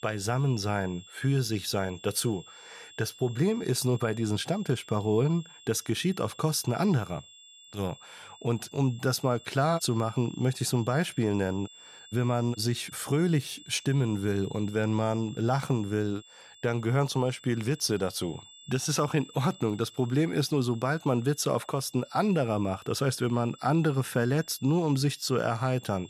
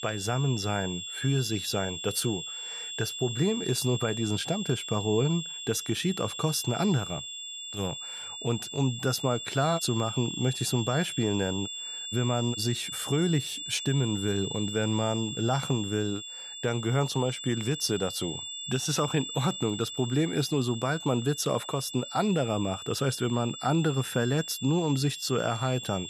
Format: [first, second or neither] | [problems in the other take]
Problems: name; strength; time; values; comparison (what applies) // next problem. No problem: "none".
first | high-pitched whine; loud; throughout; 3.5 kHz, 7 dB below the speech; faint in the first